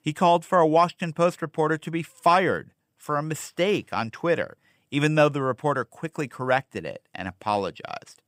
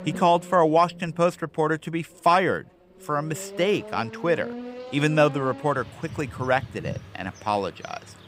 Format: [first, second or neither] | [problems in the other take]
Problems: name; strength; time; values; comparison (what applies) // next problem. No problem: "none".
first | traffic noise; noticeable; throughout; 15 dB below the speech